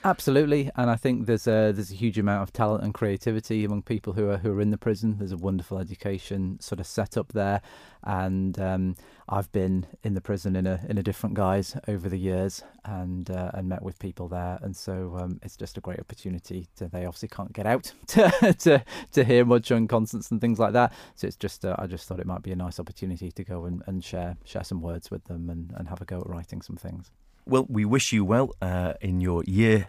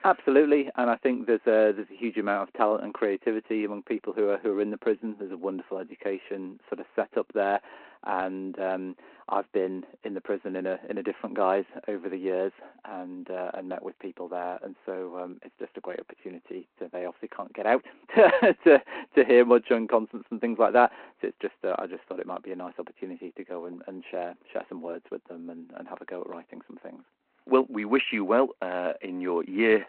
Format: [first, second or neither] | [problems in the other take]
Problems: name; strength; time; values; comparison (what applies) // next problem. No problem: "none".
first | phone-call audio; nothing above 4 kHz